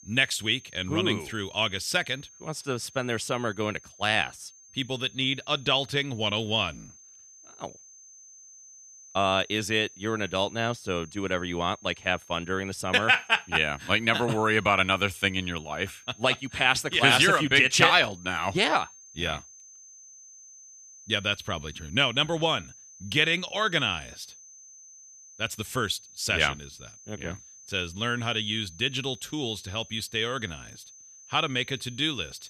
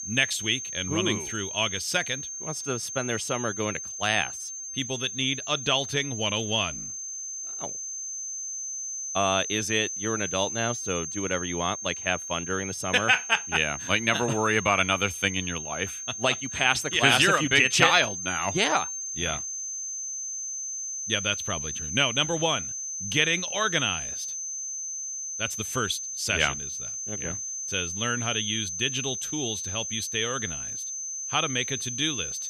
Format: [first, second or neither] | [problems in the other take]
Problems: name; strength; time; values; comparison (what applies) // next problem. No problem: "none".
first | high-pitched whine; loud; throughout; 6 kHz, 6 dB below the speech; faint in the first